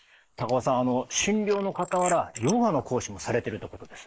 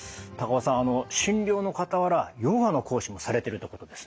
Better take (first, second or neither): second